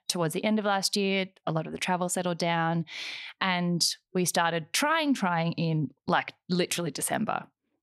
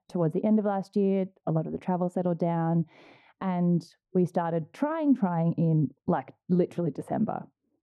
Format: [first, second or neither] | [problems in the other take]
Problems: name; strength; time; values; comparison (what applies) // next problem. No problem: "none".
first | muffled; very; fading above 1.5 kHz